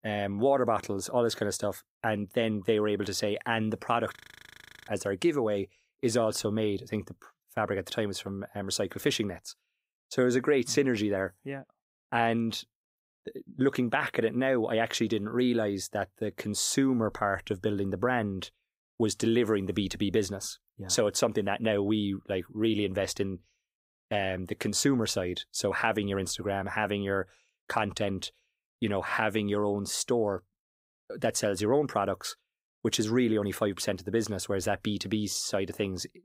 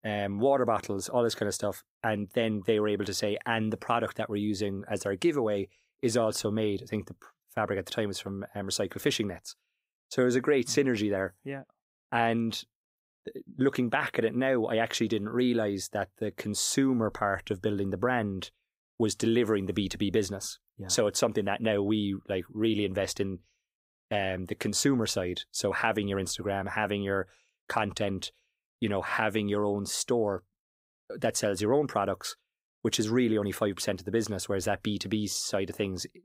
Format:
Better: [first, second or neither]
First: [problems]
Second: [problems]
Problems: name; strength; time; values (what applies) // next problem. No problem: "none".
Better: second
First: audio freezing; at 4 s for 0.5 s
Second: none